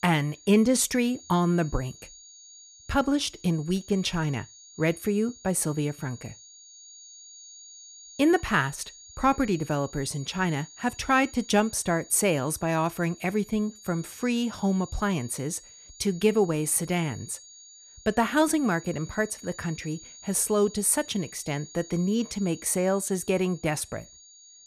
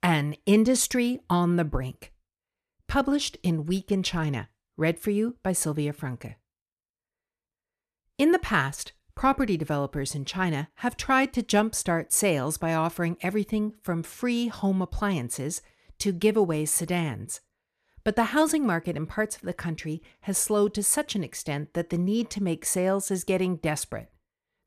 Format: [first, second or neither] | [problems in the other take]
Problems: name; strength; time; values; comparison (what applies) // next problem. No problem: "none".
second | high-pitched whine; noticeable; throughout; 6.5 kHz, 20 dB below the speech